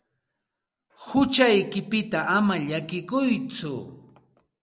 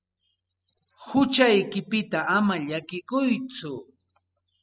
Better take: first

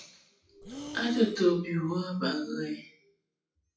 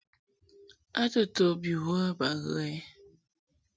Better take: second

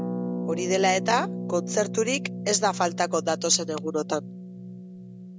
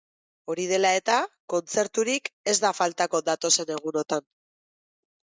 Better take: second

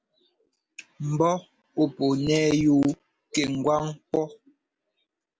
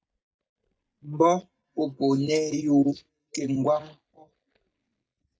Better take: first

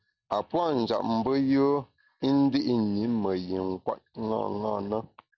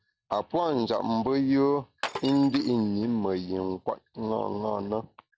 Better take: first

